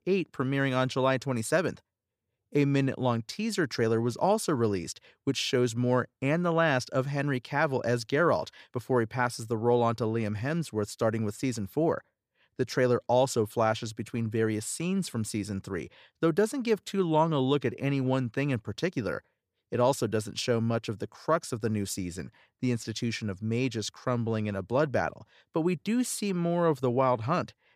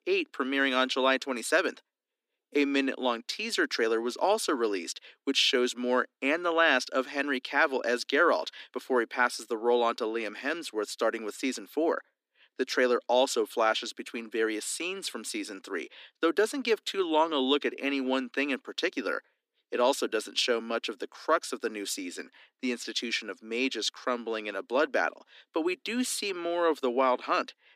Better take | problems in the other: first | thin; very slightly; fading below 250 Hz

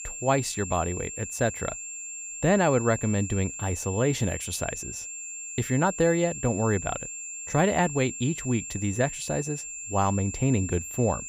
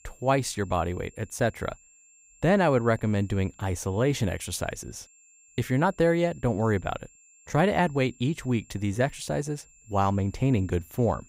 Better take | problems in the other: second | high-pitched whine; loud; throughout; 7.5 kHz, 8 dB below the speech; faint in the second

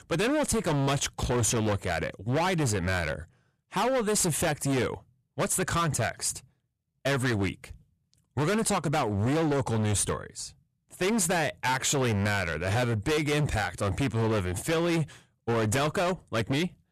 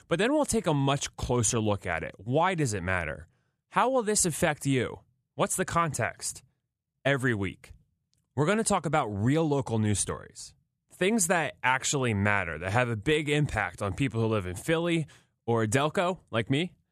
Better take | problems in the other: second | distortion; heavy; 23% of the sound clipped

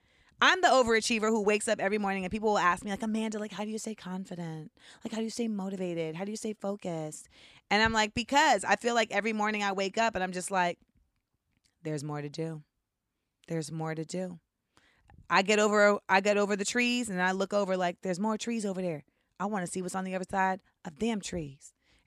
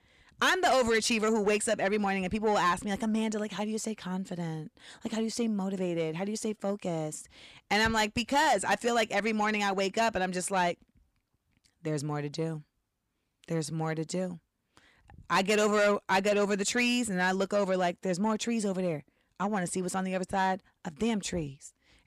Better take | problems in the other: first | distortion; slight; 10 dB below the speech

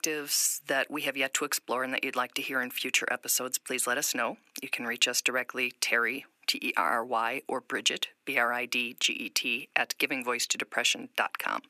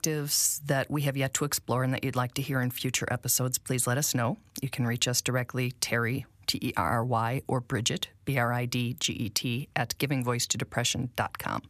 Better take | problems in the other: second | thin; somewhat; fading below 300 Hz

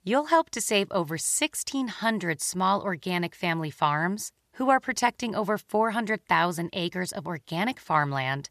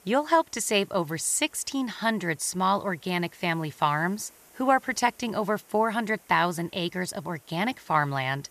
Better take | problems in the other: first | hiss; faint; throughout; 30 dB below the speech

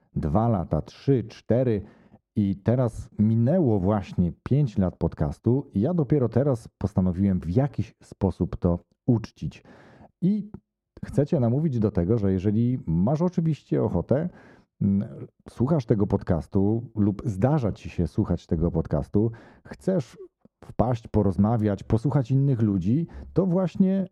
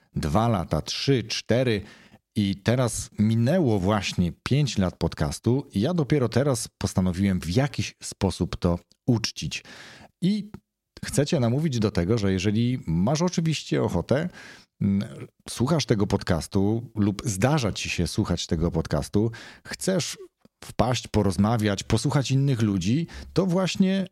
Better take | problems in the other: second | muffled; very; fading above 1.5 kHz

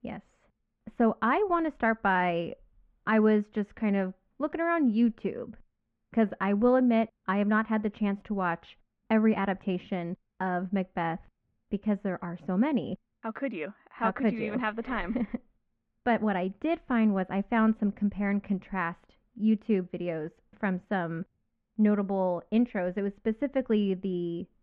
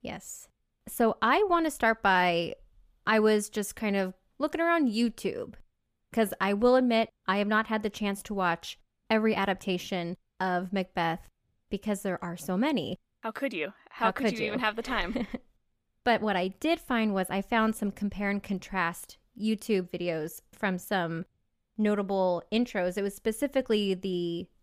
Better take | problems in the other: second | muffled; very; fading above 2 kHz

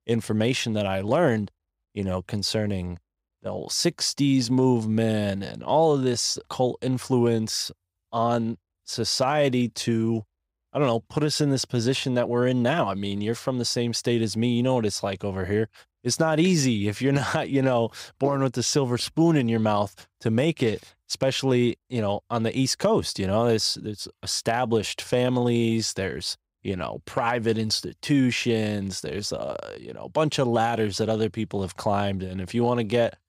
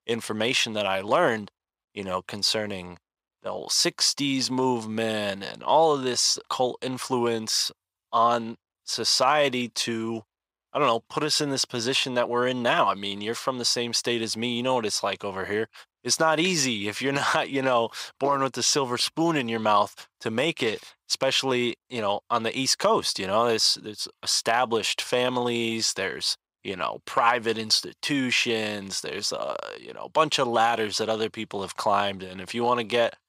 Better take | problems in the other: first | thin; somewhat; fading below 600 Hz

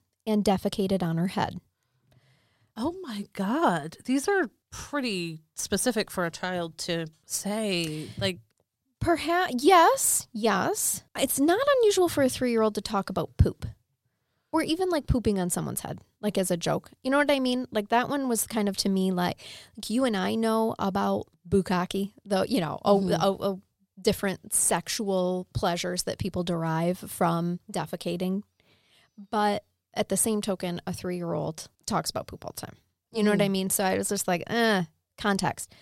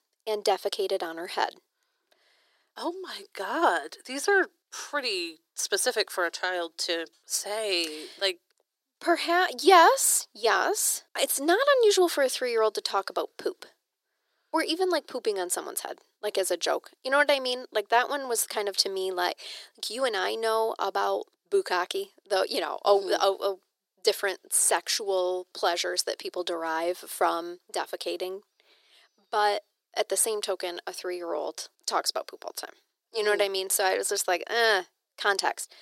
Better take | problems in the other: first | thin; very; fading below 350 Hz

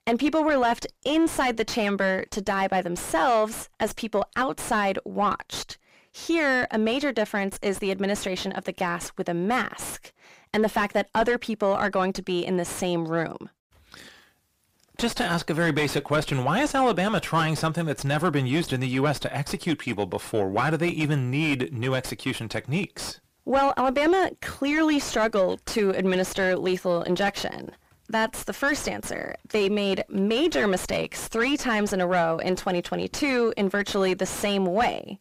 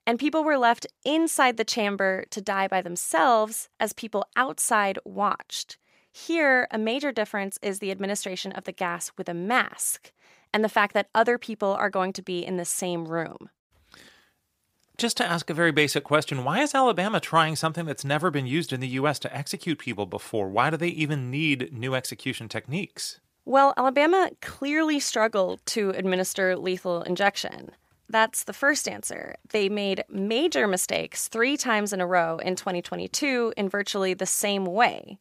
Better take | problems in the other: second | distortion; heavy; 6 dB below the speech

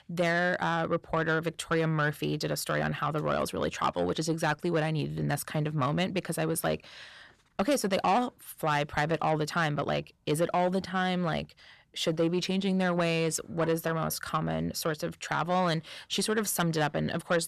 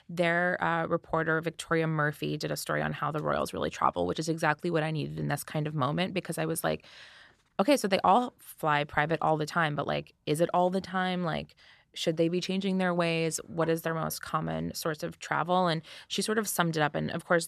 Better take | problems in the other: second | distortion; slight; 10 dB below the speech

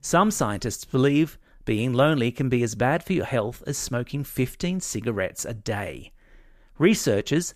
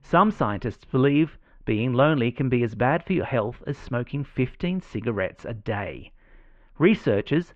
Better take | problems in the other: first | muffled; very; fading above 3 kHz

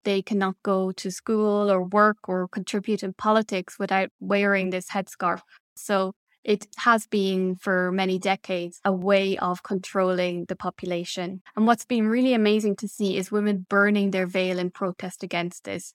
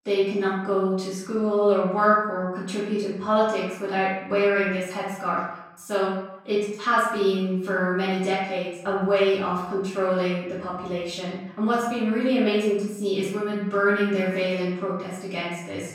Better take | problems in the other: first | off-mic speech; far // room echo; noticeable; dies away in 0.8 s

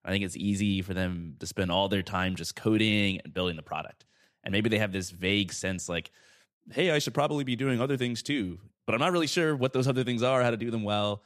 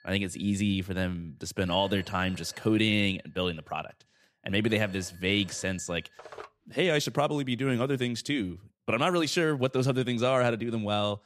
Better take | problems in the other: first | alarms or sirens; faint; until 7 s; 25 dB below the speech

